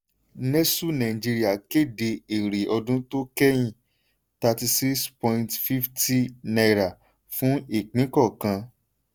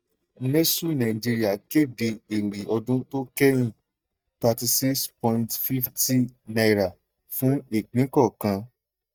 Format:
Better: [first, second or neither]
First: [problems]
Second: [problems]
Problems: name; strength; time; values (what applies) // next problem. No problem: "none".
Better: first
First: none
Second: noise reduction (neural mask model DeepFilterNet 3)